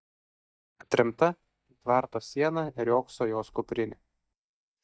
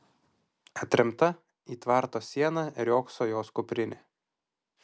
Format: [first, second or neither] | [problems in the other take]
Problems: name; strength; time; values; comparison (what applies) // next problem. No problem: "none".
second | noise reduction (neural mask model DeepFilterNet 3)